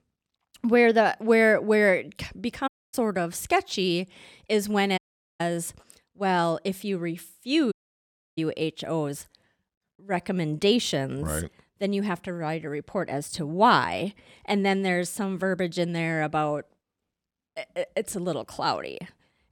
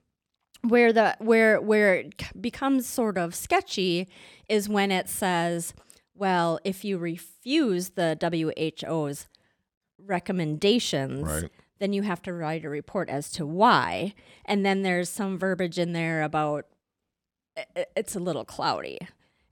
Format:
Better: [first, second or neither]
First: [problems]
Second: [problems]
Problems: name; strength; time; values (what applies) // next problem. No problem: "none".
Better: second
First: audio cutting out; at 2.5 s, at 5 s and at 7.5 s for 0.5 s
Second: none